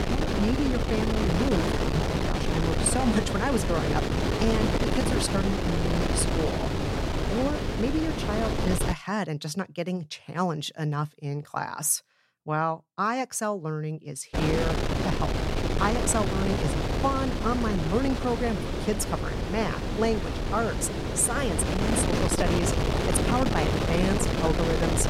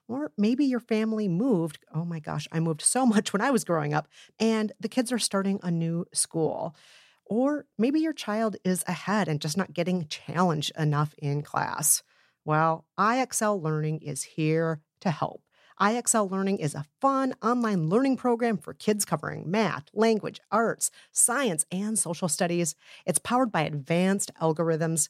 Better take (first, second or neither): second